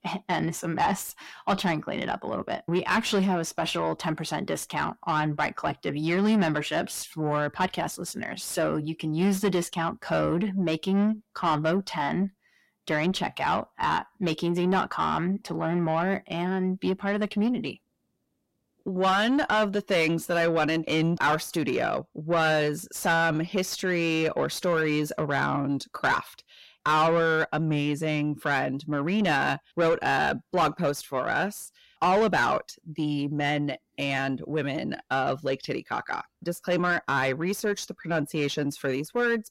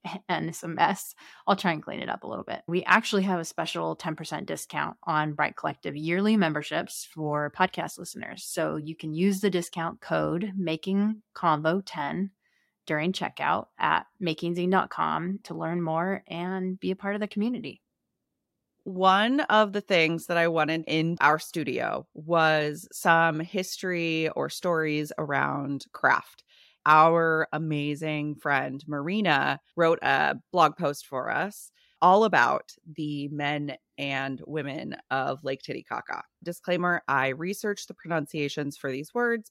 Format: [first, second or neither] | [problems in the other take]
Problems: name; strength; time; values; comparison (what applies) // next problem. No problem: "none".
second | distortion; heavy; 7 dB below the speech